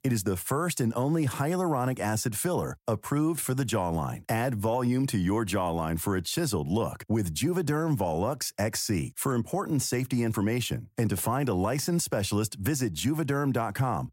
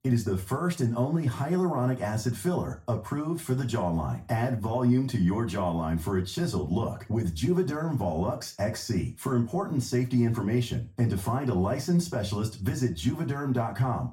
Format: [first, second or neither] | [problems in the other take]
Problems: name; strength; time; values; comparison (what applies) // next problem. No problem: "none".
first | room echo; very slight; dies away in 0.3 s // off-mic speech; far